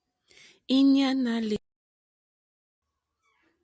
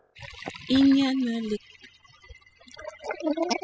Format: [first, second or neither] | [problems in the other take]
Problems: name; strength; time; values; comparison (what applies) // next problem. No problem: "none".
first | noise reduction (classical method spectral subtraction)